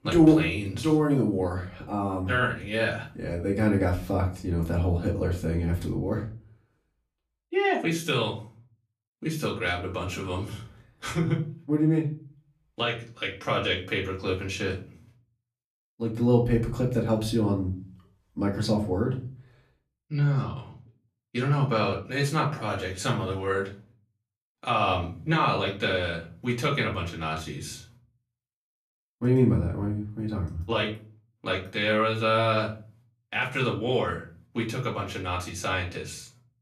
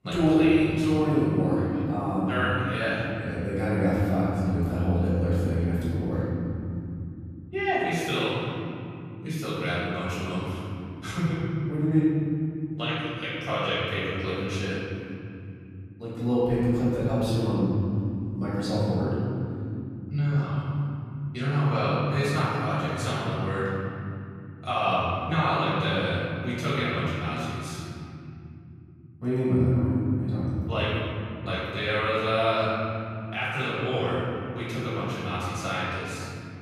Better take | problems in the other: first | room echo; strong; dies away in 3 s; slight in the first // off-mic speech; far; far in the first

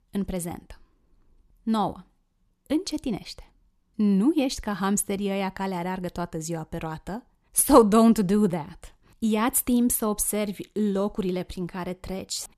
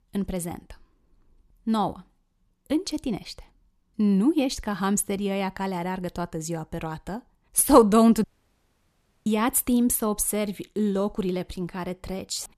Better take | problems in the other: first | audio cutting out; at 8 s for 1 s

